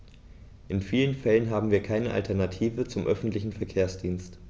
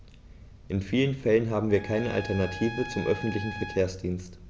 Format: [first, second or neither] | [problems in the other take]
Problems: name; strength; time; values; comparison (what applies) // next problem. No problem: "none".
first | background sound (Trumpet); 14 dB below the speech